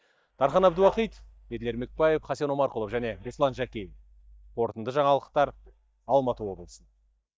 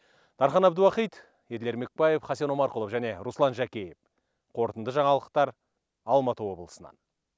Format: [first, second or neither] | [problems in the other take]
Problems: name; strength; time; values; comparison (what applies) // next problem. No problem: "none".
second | noise reduction (neural mask model DeepFilterNet 3)